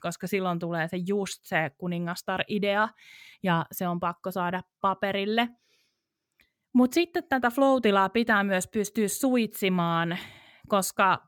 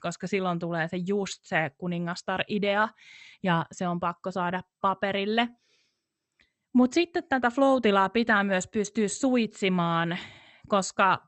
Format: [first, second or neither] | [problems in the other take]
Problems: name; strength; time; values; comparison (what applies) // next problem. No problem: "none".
first | garbled, watery; slightly; nothing above 8 kHz